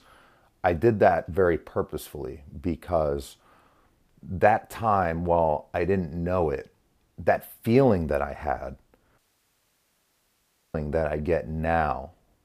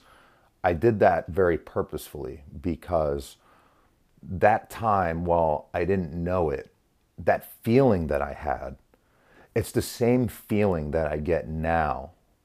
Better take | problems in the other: second | audio cutting out; at 9 s for 1.5 s

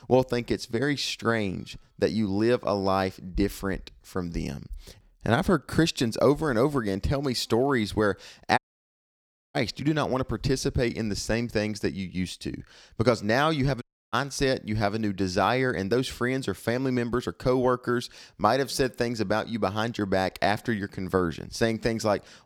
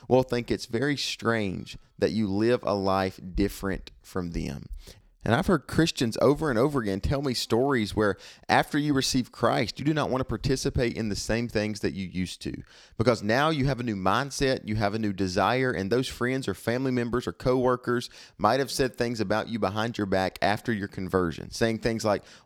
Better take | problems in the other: second | audio cutting out; at 8.5 s for 1 s and at 14 s

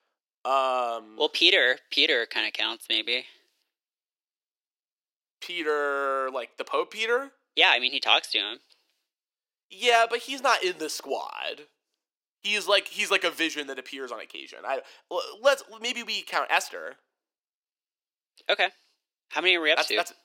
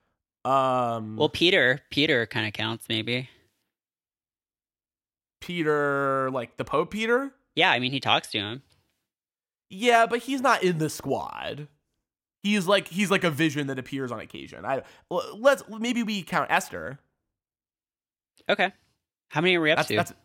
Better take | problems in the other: second | thin; somewhat; fading below 350 Hz

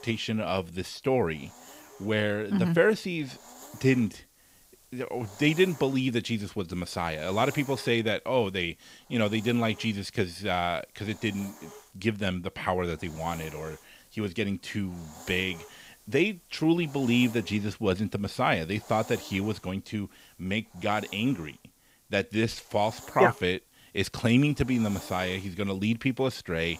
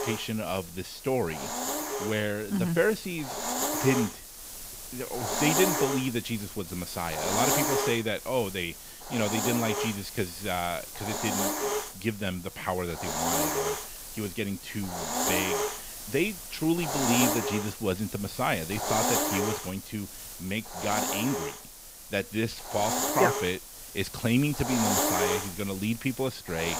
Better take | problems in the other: first | hiss; loud; throughout; as loud as the speech; faint in the first

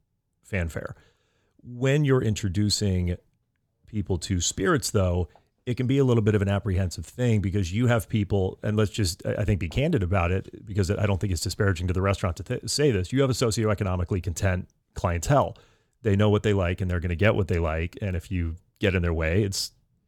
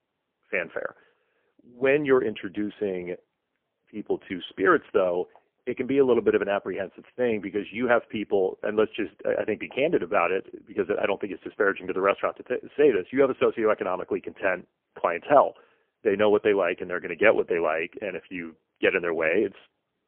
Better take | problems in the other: first | phone-call audio; poor line

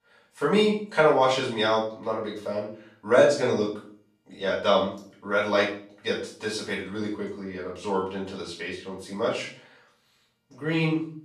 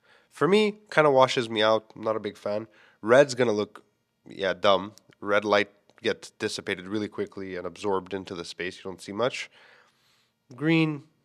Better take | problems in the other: second | off-mic speech; far // room echo; noticeable; dies away in 0.4 s

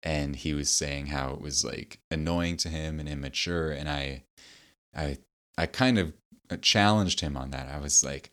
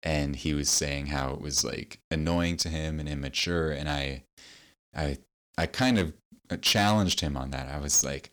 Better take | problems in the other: first | distortion; slight; 3% of the sound clipped

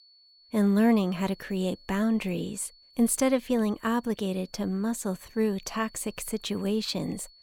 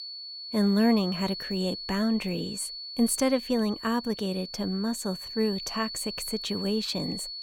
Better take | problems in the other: first | high-pitched whine; loud; throughout; 4.5 kHz, 8 dB below the speech; faint in the first

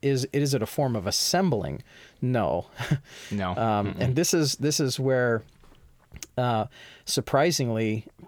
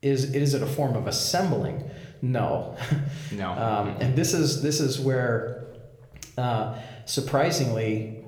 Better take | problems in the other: first | room echo; slight; dies away in 0.7 s

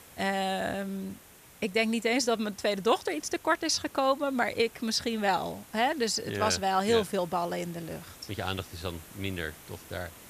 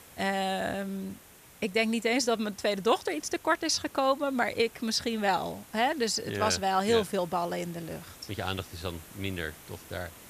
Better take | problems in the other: neither | hiss; faint; throughout; 20 dB below the speech; the same in both

